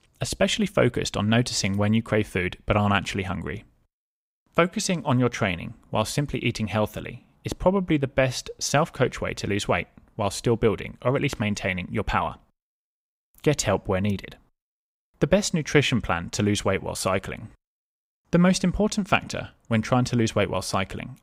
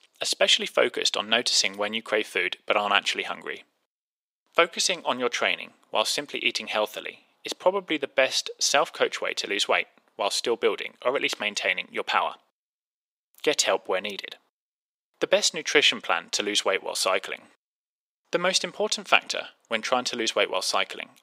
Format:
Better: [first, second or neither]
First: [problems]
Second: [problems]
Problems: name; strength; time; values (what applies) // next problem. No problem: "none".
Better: first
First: none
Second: thin; very; fading below 400 Hz